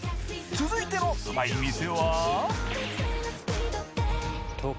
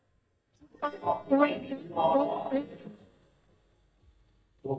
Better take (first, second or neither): first